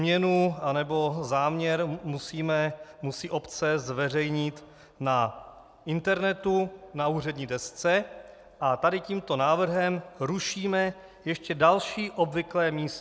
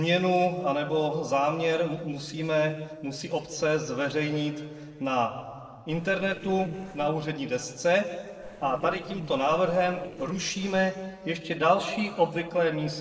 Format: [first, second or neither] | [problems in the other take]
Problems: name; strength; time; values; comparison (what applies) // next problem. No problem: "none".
first | noise reduction (neural separator model SepFormer DNS4)